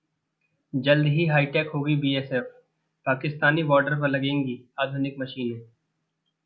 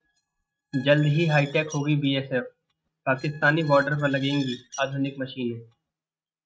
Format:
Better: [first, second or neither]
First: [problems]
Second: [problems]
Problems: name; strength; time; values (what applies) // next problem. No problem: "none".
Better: first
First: none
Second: noise reduction (neural mask model RNNoise)